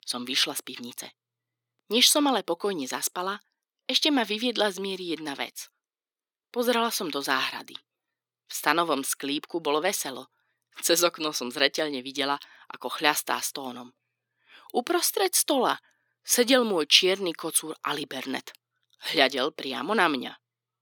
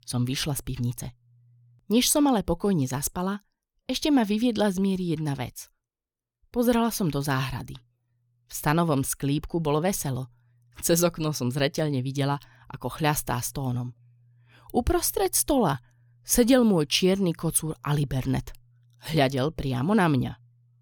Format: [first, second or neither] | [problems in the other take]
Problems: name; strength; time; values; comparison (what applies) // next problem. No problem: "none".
second | thin; somewhat; fading below 300 Hz